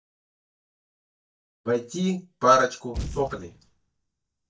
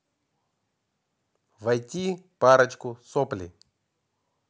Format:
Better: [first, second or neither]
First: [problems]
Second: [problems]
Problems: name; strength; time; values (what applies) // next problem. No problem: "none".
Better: second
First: noise reduction (neural mask model DeepFilterNet 3)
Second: none